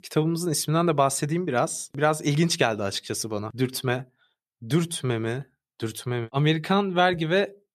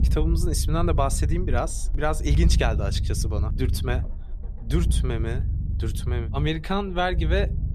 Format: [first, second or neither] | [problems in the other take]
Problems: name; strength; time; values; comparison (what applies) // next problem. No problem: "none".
first | low rumble; noticeable; throughout; 15 dB below the speech